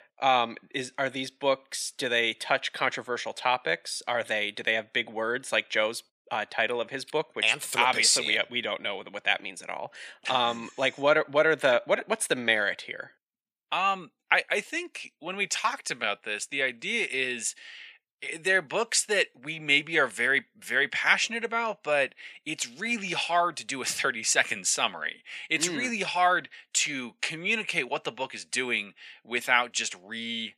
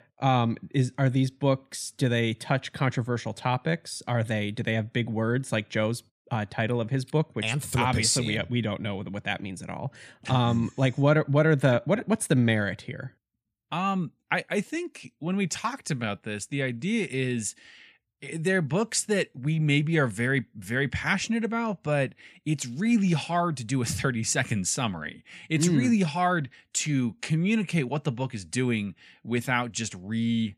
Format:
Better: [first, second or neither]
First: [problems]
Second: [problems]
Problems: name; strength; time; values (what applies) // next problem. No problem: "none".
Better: second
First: thin; very; fading below 550 Hz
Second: none